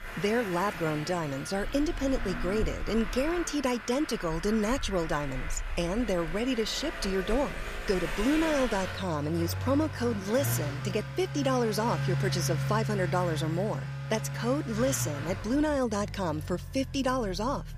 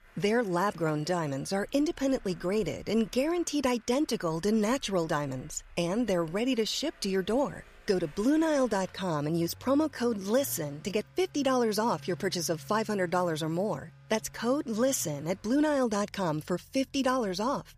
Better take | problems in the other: second | traffic noise; loud; throughout; 6 dB below the speech; faint in the second

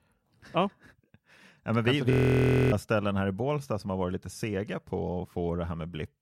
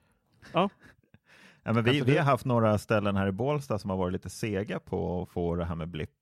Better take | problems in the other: second | audio freezing; at 2 s for 0.5 s

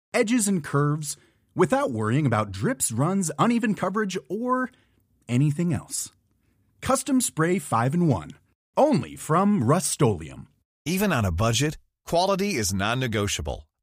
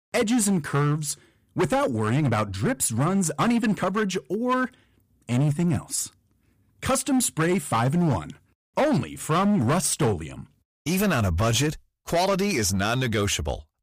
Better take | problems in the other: first | distortion; slight; 12% of the sound clipped

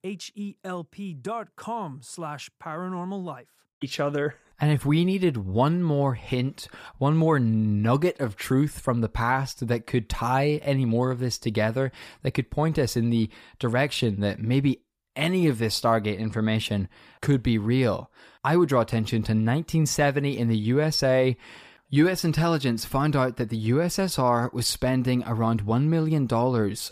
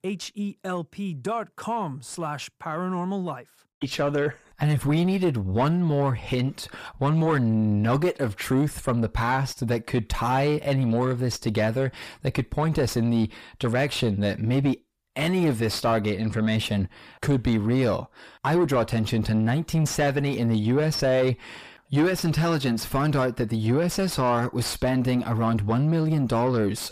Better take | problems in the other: first | distortion; slight; 9 dB below the speech

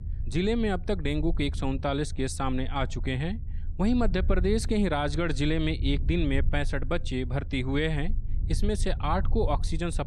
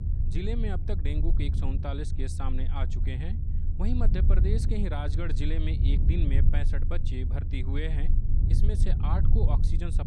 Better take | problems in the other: first | low rumble; loud; throughout; 5 dB below the speech; faint in the first

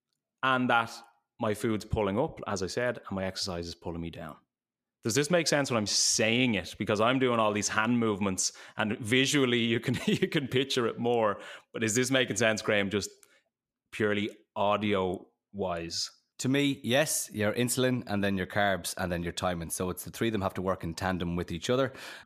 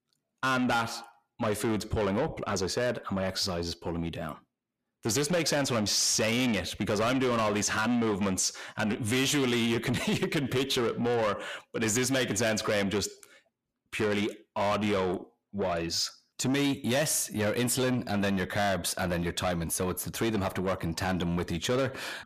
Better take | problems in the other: first | distortion; heavy; 7 dB below the speech

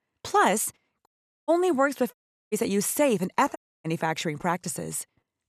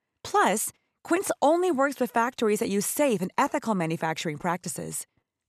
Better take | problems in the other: second | audio cutting out; at 1 s, at 2 s and at 3.5 s

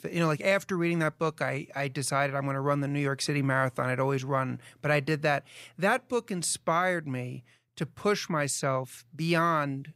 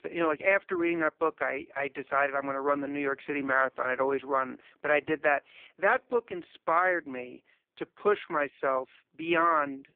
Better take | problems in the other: first | phone-call audio; poor line

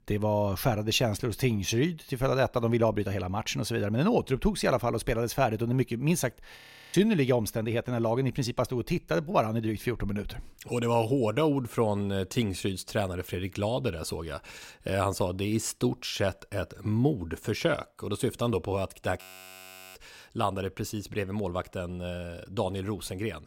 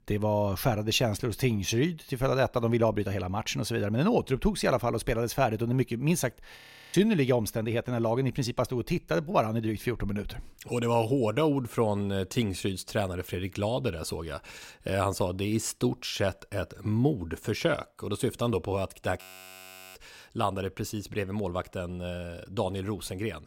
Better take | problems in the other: neither | audio freezing; at 6.5 s and at 19 s for 0.5 s; the same in both

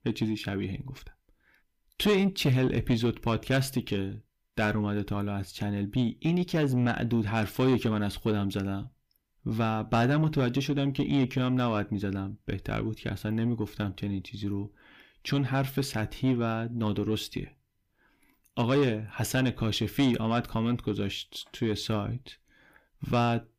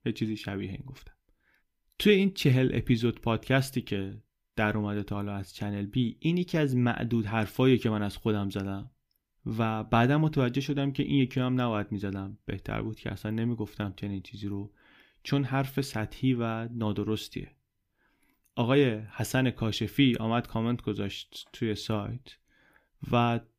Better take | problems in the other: second | distortion; slight; 10 dB below the speech

